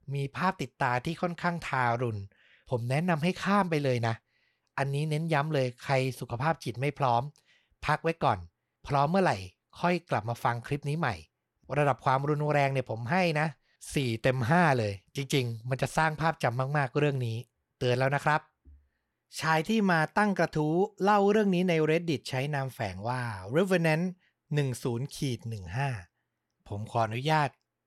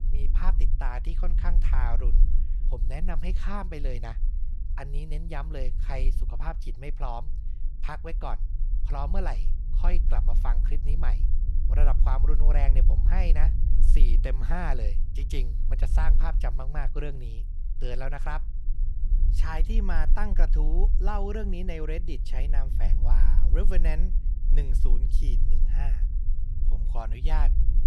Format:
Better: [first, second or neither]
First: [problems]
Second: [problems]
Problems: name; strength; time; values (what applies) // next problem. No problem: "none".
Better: first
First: none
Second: low rumble; noticeable; throughout; 10 dB below the speech